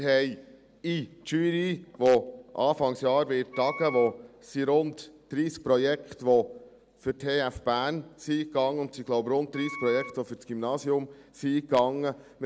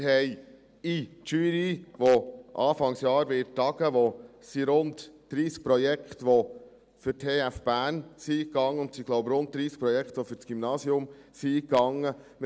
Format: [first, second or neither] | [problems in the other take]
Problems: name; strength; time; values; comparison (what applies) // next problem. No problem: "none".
second | background sound (Wind instrument, woodwind instrument); 13 dB below the speech